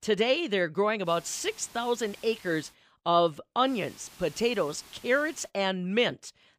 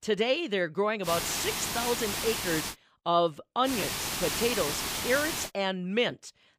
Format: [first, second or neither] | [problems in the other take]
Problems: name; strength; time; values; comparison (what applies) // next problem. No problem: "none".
first | hiss; loud; from 1 to 2.5 s and from 3.5 to 5.5 s; 1 dB below the speech; faint in the first